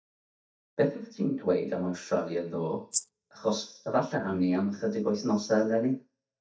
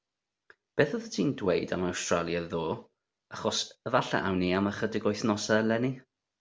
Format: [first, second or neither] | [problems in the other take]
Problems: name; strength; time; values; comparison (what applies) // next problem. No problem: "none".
second | noise reduction (neural mask model DeepFilterNet 3)